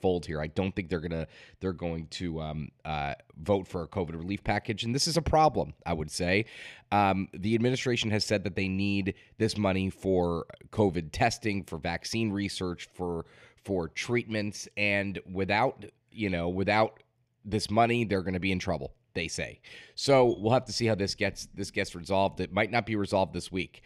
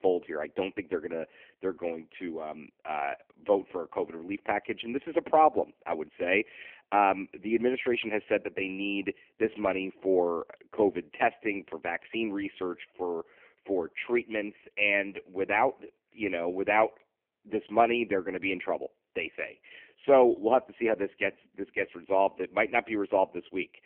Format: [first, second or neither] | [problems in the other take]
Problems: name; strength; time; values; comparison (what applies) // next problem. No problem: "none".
first | phone-call audio; poor line